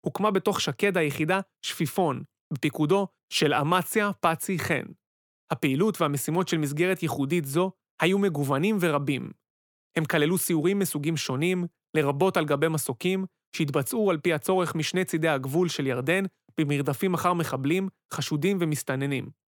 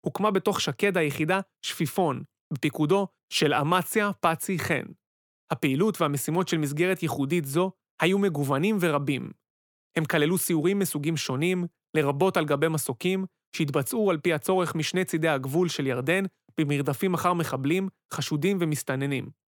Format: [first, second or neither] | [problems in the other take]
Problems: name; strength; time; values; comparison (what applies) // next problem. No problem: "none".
neither | none